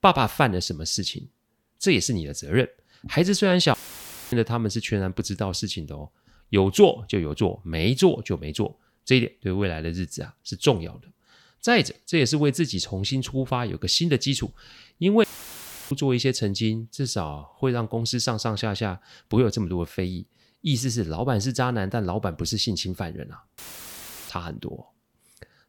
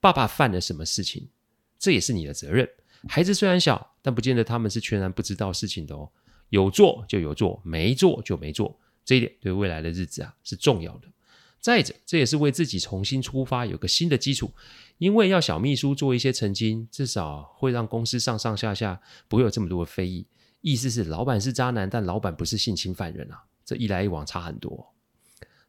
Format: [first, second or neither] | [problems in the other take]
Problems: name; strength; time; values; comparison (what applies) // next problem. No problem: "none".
second | audio cutting out; filled with static; at 3.5 s for 0.5 s, at 15 s for 0.5 s and at 24 s for 0.5 s